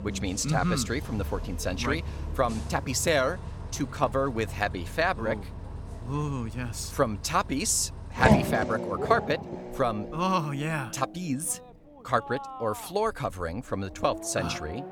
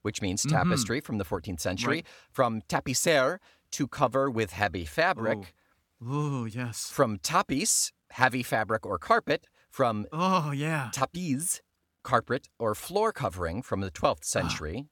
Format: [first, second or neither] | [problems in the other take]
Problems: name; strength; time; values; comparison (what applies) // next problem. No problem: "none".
second | traffic noise; loud; throughout; 6 dB below the speech